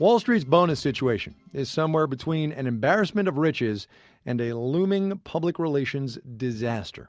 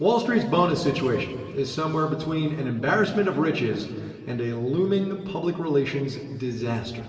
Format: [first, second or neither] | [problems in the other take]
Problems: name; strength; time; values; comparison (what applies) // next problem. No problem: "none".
first | room echo; dies away in 2.4 s